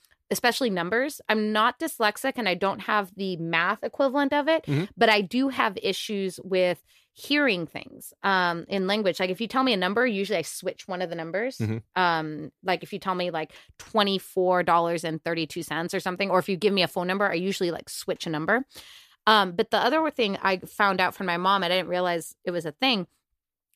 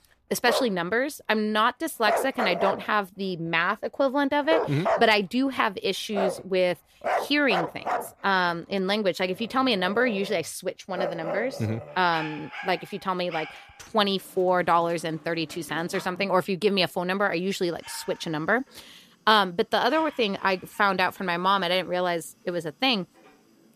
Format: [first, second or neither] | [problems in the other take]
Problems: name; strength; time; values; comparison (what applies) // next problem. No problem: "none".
first | animal sounds; loud; throughout; 7 dB below the speech